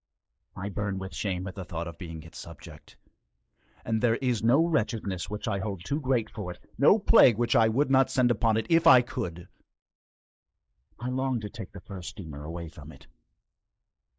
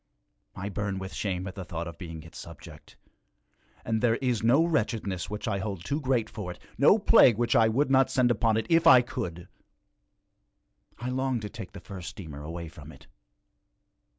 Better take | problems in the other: second | noise reduction (neural mask model Resemble Enhance denoiser)

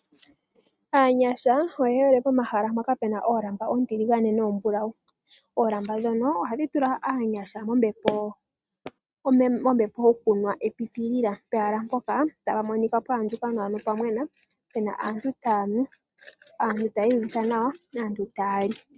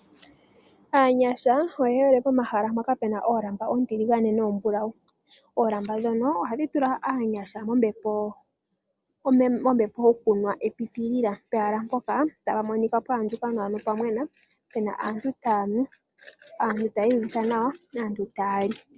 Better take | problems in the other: second | noise reduction (neural mask model RNNoise)

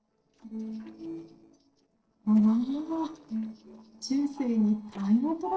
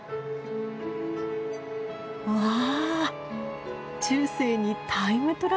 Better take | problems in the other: second | noise reduction (neural separator model SepFormer DNS4)

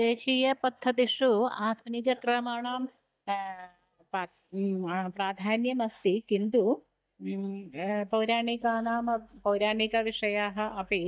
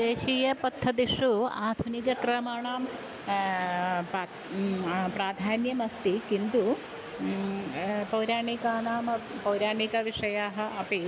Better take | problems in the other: second | noise reduction (neural mask model DeepFilterNet 3)

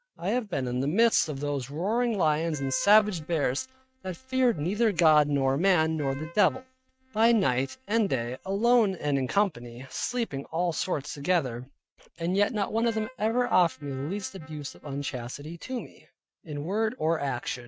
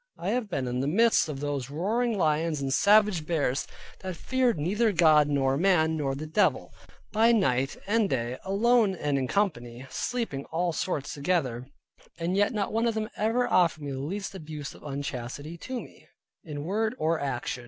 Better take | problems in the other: second | noise reduction (neural mask model RNNoise)

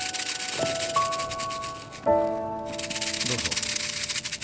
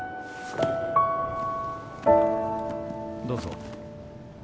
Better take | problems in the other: second | background sound (Rattle (instrument)); 2 dB below the speech

